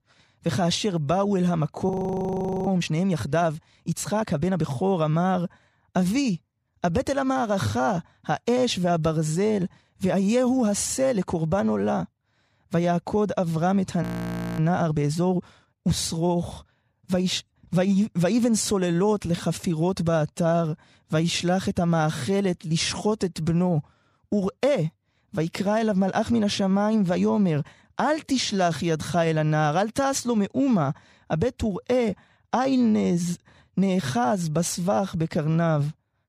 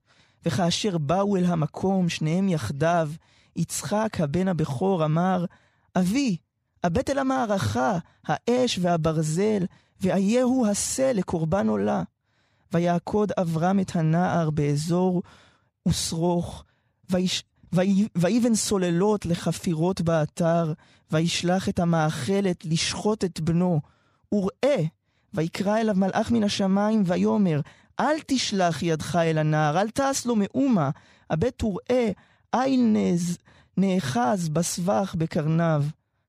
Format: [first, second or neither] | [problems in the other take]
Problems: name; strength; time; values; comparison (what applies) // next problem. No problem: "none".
second | audio freezing; at 2 s for 1 s and at 14 s for 0.5 s